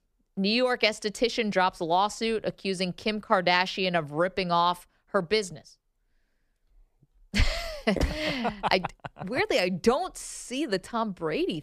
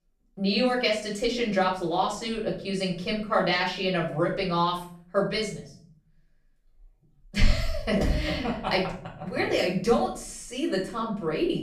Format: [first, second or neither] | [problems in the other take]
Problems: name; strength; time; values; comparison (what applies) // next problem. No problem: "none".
first | off-mic speech; far // room echo; noticeable; dies away in 0.5 s